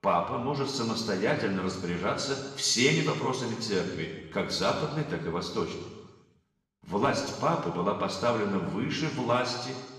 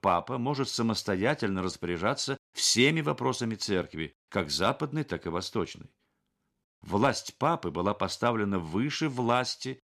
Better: second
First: room echo; noticeable; dies away in 1.2 s // off-mic speech; far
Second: none

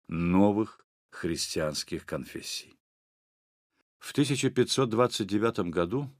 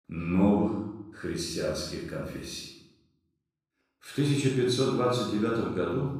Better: first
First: none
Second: off-mic speech; far // room echo; noticeable; dies away in 0.8 s

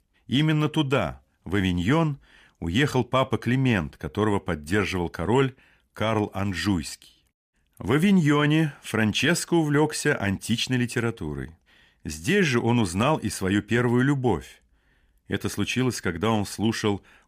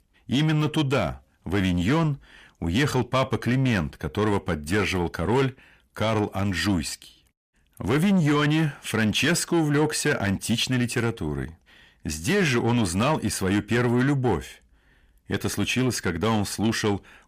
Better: first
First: none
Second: distortion; slight; 10 dB below the speech

